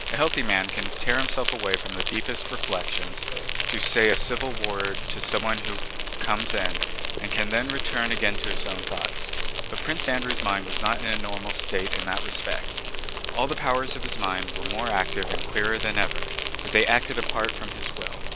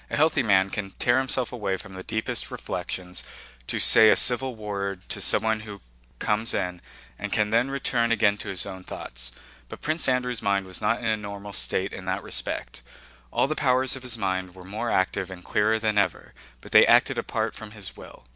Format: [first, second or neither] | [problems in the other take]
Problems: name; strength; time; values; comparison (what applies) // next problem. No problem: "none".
second | background sound (Insect); 1 dB above the speech